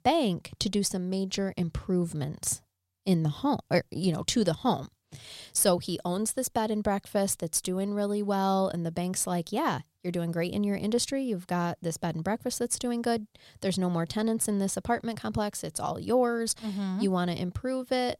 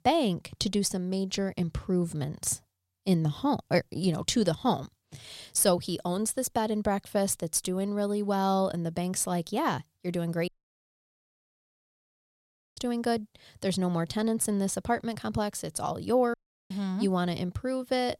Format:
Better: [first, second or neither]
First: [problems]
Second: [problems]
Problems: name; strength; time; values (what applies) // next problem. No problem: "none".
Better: first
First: none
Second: audio cutting out; at 10 s for 2.5 s and at 16 s